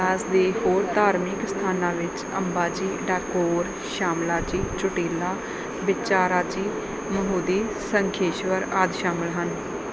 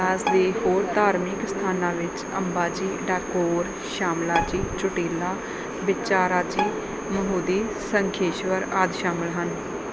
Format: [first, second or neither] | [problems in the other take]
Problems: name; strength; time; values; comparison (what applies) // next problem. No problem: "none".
first | background sound (Bowed string instrument); 11 dB below the speech